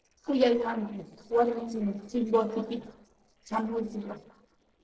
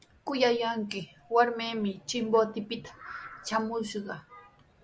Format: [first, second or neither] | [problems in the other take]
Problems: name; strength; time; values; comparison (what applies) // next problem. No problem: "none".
second | noise reduction (neural separator model SepFormer DNS4)